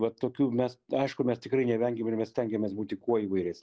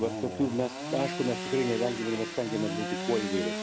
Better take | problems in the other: first | background sound (Sawing / Engine); 4 dB below the speech

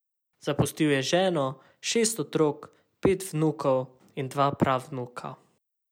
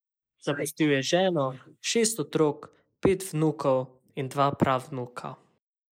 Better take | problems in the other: first | noise reduction (neural mask model Resemble Enhance denoiser)

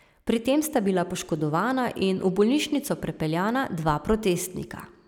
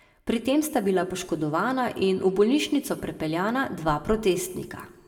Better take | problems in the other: first | room echo; dies away in 0.9 s

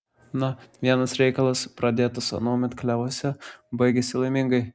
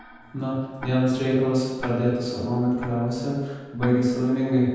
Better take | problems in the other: first | background sound (Tick-tock); 18 dB below the speech // room echo; dies away in 1.2 s

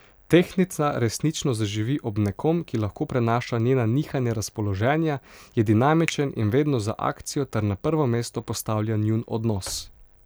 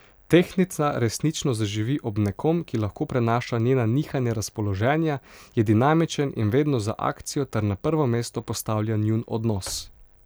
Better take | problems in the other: second | background sound (Finger snapping); 18 dB below the speech

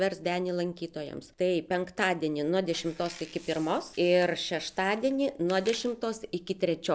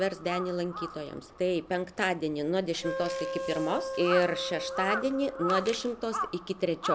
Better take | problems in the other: first | background sound (Crow + Wind instrument, woodwind instrument); 6 dB below the speech

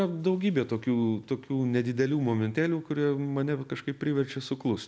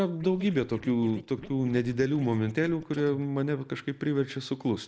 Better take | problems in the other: first | noise reduction (neural mask model Resemble Enhance denoiser)

